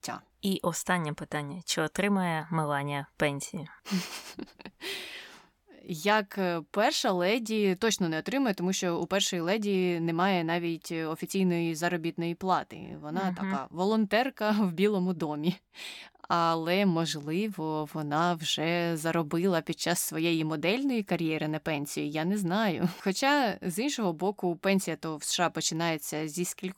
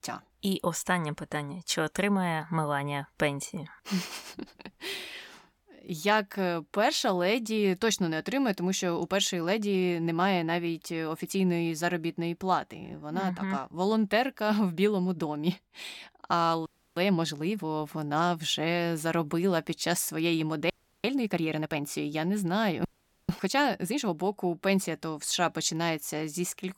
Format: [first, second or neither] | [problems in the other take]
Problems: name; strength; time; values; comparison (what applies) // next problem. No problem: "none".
first | audio freezing; at 17 s, at 21 s and at 23 s